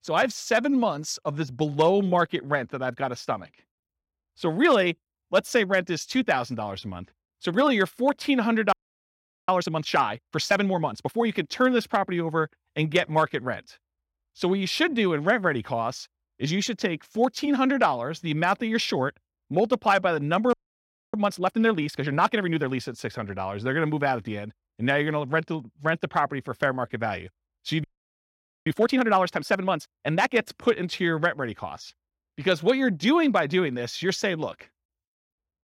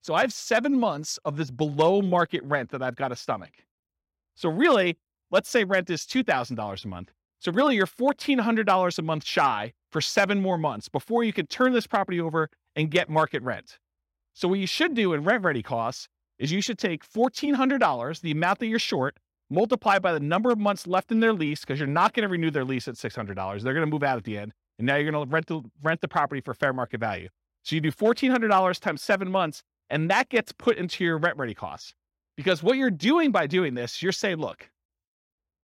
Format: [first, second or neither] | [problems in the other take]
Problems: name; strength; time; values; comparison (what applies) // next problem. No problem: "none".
second | audio freezing; at 8.5 s for 1 s, at 21 s for 0.5 s and at 28 s for 1 s